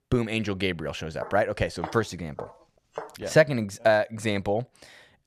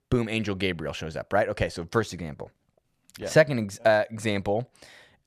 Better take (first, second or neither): second